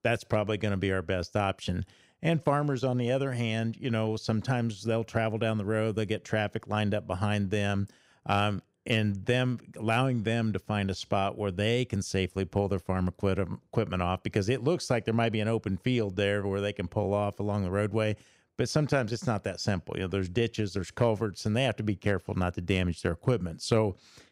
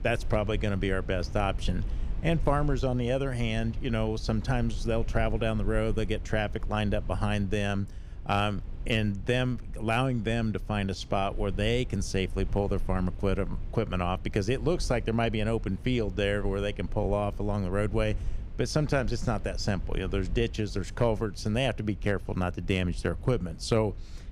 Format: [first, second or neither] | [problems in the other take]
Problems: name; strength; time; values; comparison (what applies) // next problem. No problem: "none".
first | low rumble; faint; throughout; 20 dB below the speech